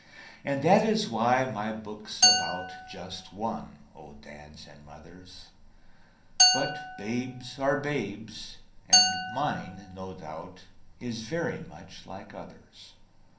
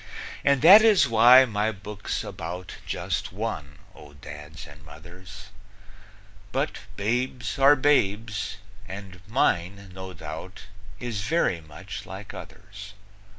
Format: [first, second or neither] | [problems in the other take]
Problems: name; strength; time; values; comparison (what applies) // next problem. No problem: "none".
second | background sound (Glass); 3 dB above the speech // room echo; dies away in 0.6 s